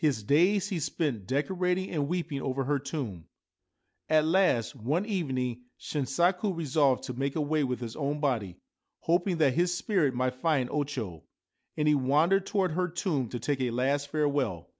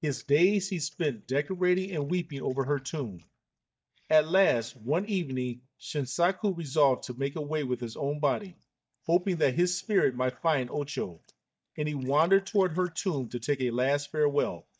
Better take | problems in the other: first | noise reduction (neural mask model DeepFilterNet 3)

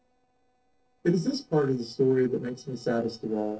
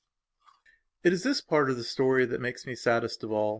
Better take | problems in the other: second | noise reduction (neural separator model SepFormer DNS4)

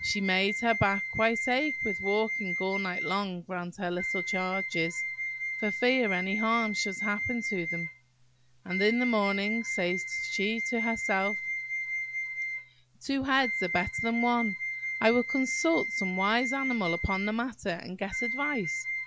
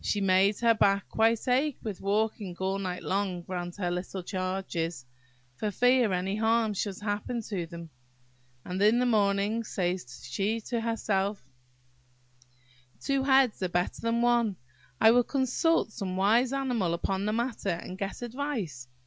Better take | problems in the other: second | background sound (Wind instrument, woodwind instrument); 3 dB below the speech

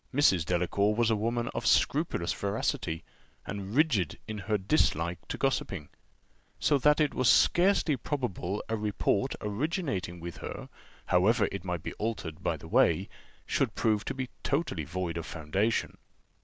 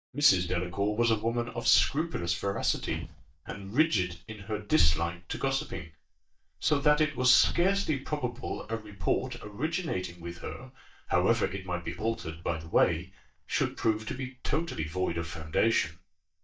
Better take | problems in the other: first | noise reduction (neural mask model DeepFilterNet 3)

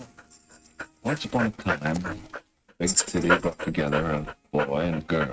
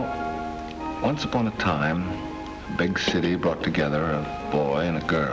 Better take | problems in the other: second | noise reduction (neural mask model RNNoise)

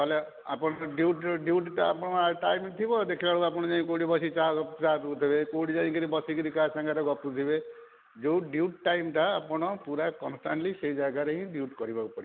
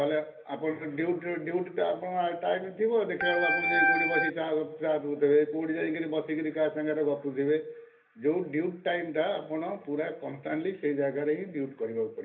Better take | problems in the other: first | background sound (Organ); 4 dB above the speech // room echo; dies away in 0.3 s

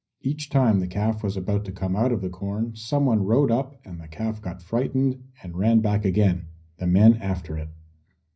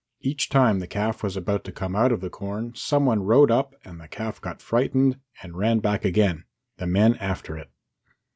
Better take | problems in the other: second | room echo; dies away in 0.5 s

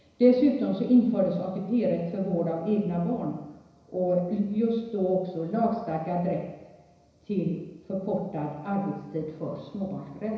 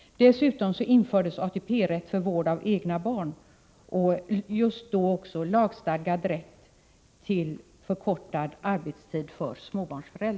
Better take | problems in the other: second | room echo; dies away in 1 s

